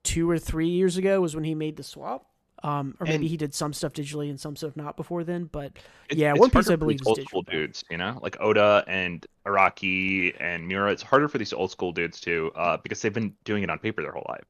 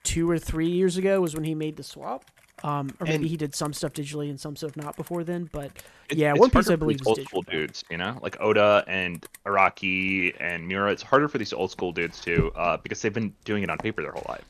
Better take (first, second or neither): first